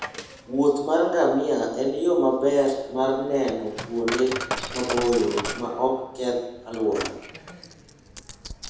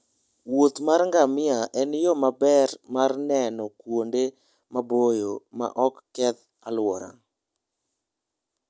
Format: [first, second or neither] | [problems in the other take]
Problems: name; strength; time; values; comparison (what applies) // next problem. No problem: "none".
second | background sound (Coin (dropping)); 11 dB below the speech // room echo; dies away in 0.9 s